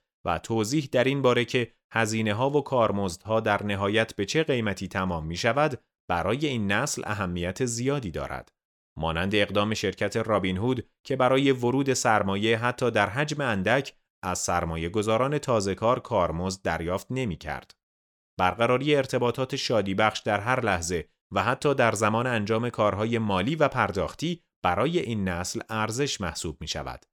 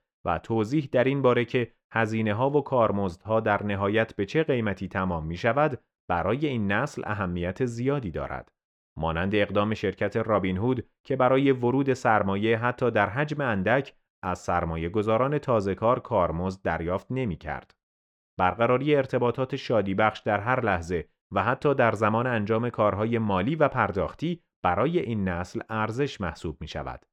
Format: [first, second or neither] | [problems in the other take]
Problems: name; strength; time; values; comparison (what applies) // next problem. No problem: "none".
first | muffled; very; fading above 4 kHz